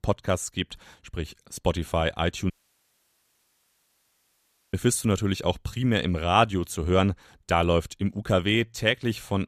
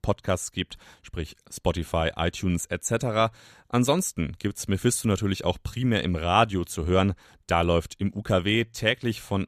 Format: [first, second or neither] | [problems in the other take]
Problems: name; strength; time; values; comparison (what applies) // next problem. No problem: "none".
second | audio cutting out; at 2.5 s for 2 s